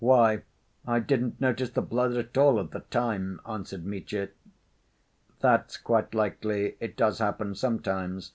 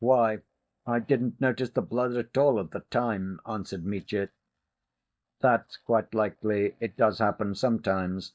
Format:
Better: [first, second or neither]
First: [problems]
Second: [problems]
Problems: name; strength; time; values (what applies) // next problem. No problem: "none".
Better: first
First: none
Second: noise reduction (neural mask model DeepFilterNet 3)